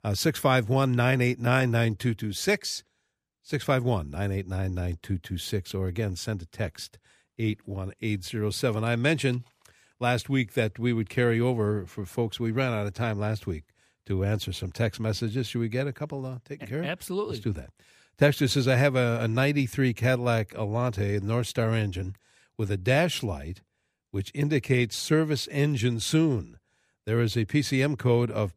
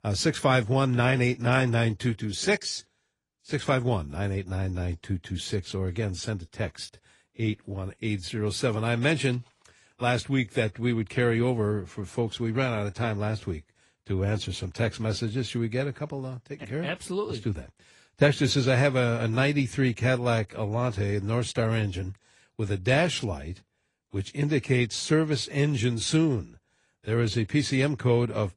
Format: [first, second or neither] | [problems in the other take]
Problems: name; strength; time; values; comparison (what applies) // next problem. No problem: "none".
first | garbled, watery; slightly; nothing above 10.5 kHz